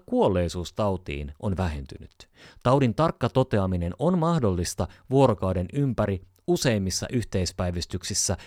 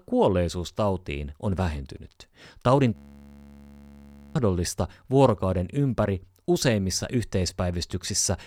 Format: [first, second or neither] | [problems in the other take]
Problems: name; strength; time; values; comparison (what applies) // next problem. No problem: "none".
first | audio freezing; at 3 s for 1.5 s